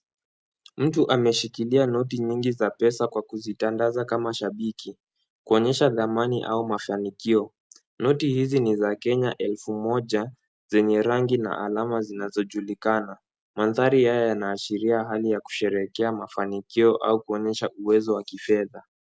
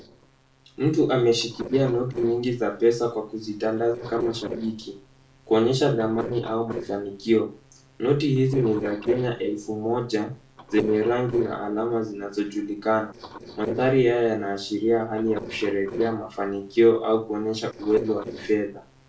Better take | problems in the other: first | noise reduction (neural separator model SepFormer DNS4)

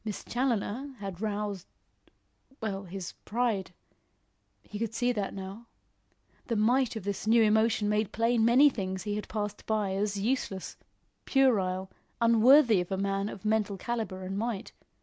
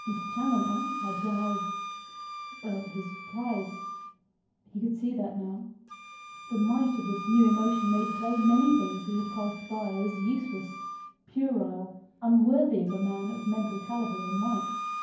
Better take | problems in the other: first | background sound (Wind instrument, woodwind instrument); 9 dB below the speech // room echo; dies away in 0.9 s

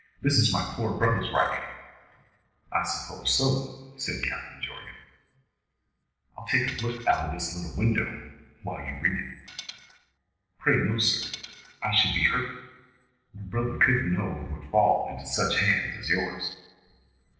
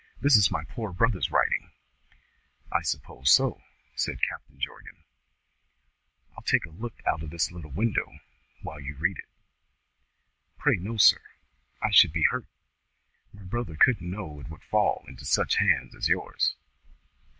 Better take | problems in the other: second | noise reduction (neural separator model SepFormer DNS4)

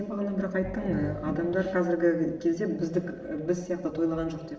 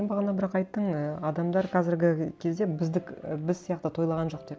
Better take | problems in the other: second | background sound (Growling); 11 dB below the speech // room echo; dies away in 0.9 s

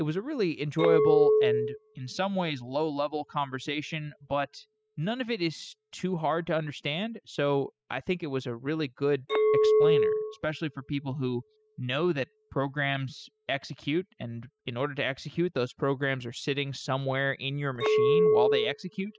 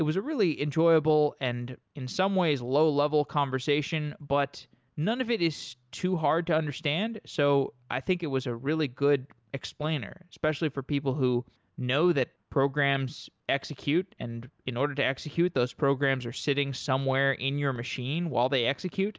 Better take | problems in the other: second | noise reduction (classical method spectral subtraction)

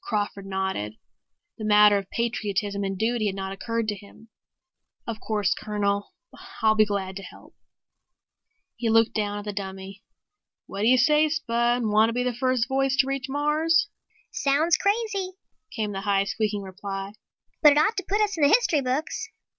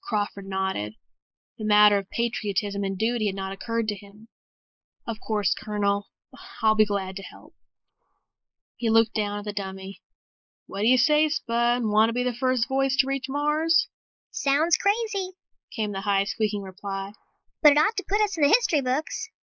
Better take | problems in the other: first | noise reduction (neural mask model Resemble Enhance denoiser)

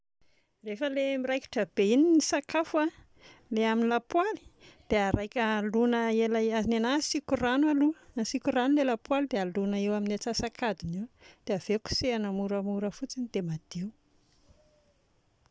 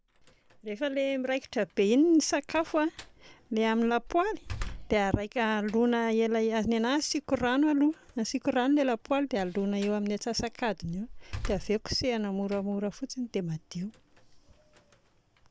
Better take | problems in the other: first | background sound (Slam); 17 dB below the speech

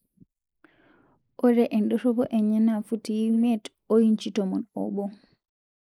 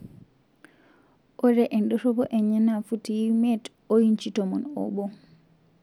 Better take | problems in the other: second | noise reduction (neural mask model Resemble Enhance denoiser)

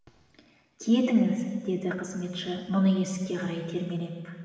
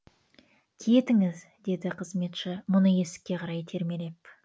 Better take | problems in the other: second | room echo; dies away in 2.1 s

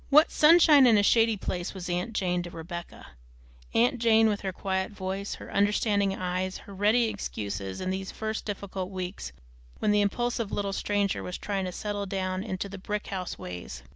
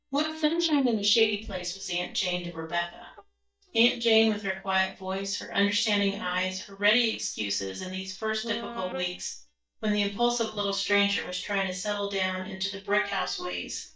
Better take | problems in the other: first | noise reduction (neural mask model DeepFilterNet 3)

